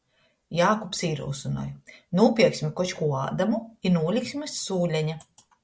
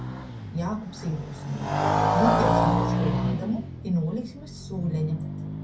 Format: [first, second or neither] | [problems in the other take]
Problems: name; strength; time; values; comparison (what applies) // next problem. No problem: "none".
first | background sound (Motorcycle); 4 dB above the speech // room echo; dies away in 0.3 s